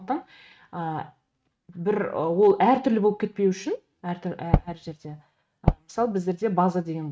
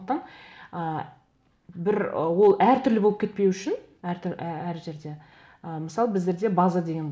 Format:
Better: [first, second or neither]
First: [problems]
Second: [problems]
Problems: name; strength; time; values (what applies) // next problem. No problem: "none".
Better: second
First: noise reduction (neural mask model RNNoise)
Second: none